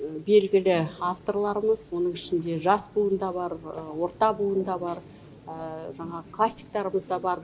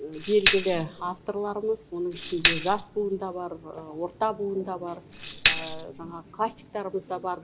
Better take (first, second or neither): first